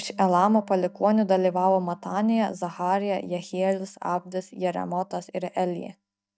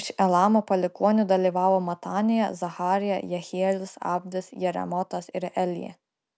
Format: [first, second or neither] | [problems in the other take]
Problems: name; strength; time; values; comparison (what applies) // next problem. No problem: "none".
second | noise reduction (neural mask model DeepFilterNet 3)